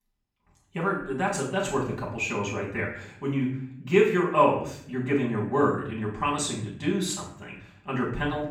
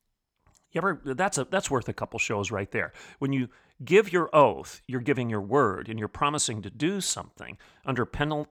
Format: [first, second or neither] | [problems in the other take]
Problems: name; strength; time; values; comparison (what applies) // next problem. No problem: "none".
second | off-mic speech; far // room echo; noticeable; dies away in 0.6 s